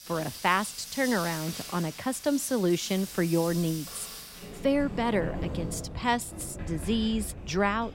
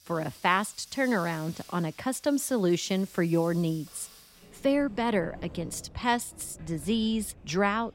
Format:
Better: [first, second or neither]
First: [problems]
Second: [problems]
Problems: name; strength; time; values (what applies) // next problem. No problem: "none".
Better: second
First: household noises; loud; throughout; 10 dB below the speech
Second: household noises; faint; throughout; 20 dB below the speech